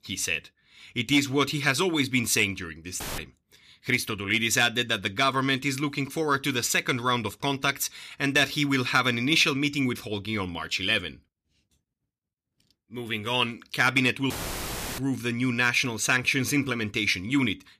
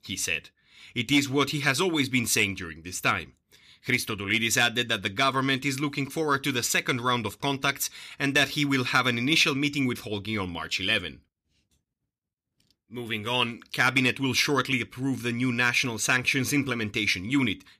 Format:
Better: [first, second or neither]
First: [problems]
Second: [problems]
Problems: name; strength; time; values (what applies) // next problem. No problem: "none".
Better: second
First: audio cutting out; filled with static; at 3 s and at 14 s for 0.5 s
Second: none